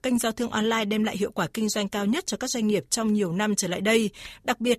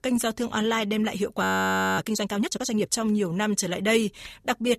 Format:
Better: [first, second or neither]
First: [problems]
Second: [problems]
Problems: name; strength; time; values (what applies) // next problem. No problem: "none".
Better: first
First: none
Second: audio freezing; at 1.5 s for 0.5 s